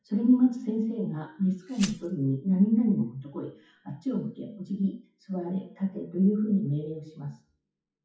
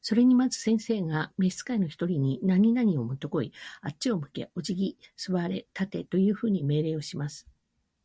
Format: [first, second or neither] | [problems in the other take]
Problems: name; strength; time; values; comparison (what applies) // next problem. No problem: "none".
second | noise reduction (classical method WPE with log-MMSE)